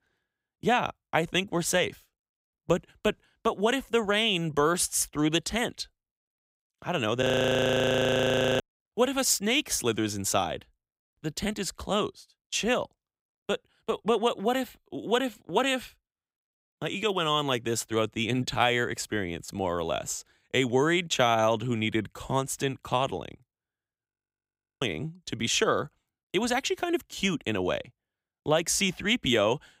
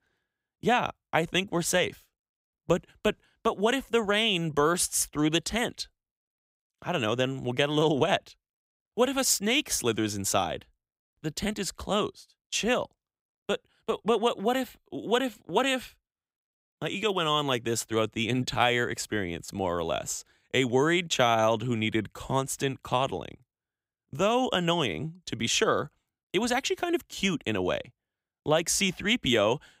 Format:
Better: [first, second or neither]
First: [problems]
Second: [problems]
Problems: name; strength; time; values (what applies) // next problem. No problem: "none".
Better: second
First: audio freezing; at 7 s for 1.5 s and at 24 s for 0.5 s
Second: none